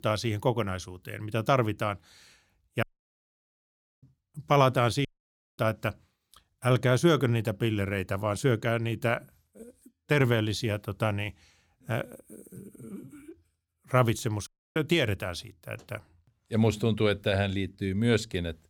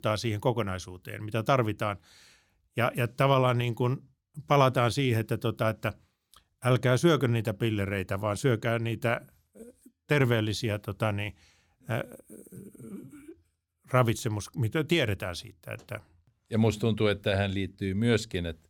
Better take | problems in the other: second | audio cutting out; at 3 s for 1 s, at 5 s for 0.5 s and at 14 s

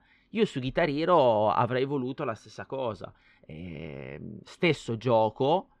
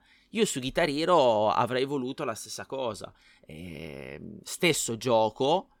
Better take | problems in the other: second | muffled; slightly; fading above 2.5 kHz

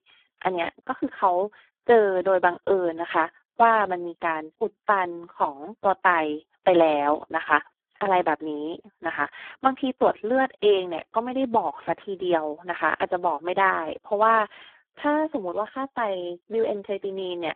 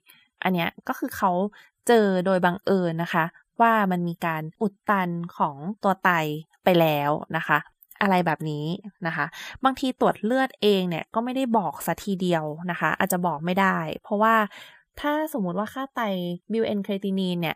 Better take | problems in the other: second | phone-call audio; poor line

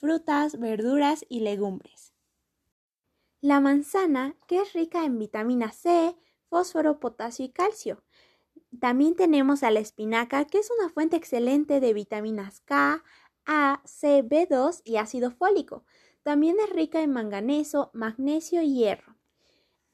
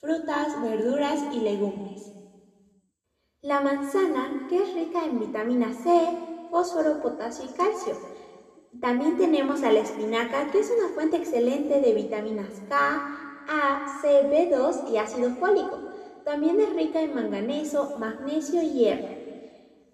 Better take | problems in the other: first | room echo; slight; dies away in 1.7 s

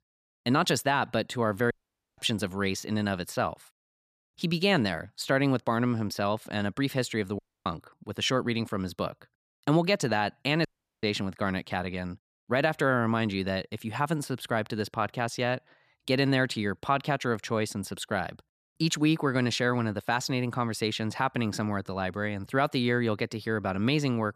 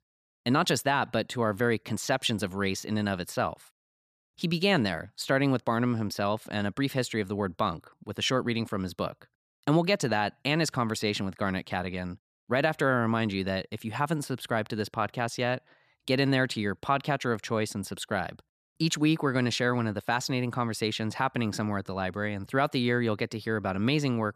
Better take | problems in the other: second | audio cutting out; at 1.5 s, at 7.5 s and at 11 s

